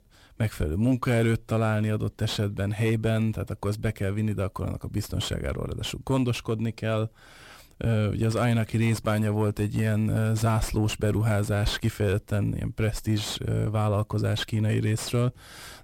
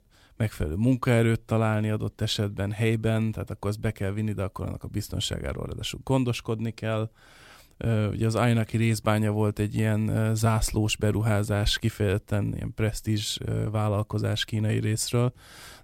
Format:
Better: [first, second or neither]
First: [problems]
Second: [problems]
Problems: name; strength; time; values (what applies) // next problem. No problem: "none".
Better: second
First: distortion; slight; 10 dB below the speech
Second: none